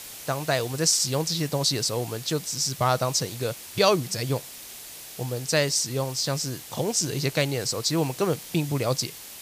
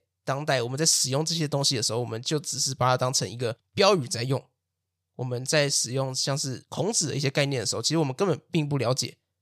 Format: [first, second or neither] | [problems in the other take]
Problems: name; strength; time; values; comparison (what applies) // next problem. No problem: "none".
second | hiss; noticeable; throughout; 15 dB below the speech